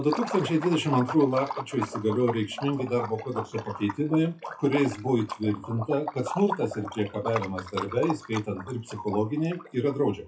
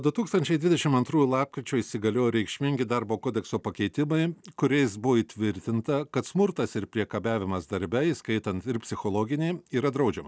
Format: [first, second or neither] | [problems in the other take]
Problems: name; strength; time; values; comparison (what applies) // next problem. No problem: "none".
second | noise reduction (classical method WPE with log-MMSE)